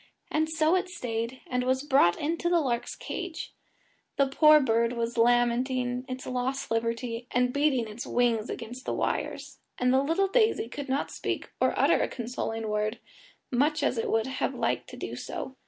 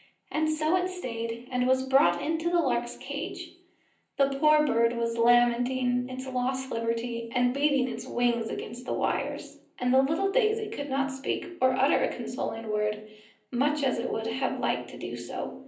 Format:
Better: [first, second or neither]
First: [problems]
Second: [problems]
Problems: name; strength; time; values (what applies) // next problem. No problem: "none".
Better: first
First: none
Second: room echo; dies away in 0.6 s